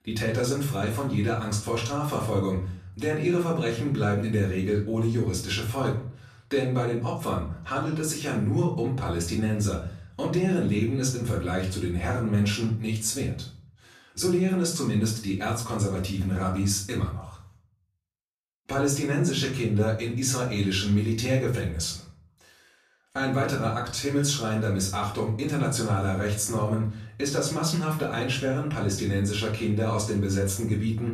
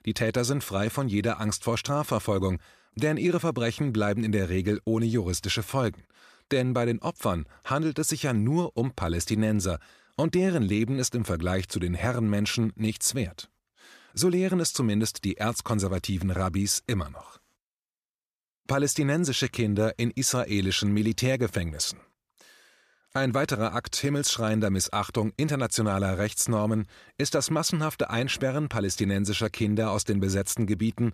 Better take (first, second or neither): second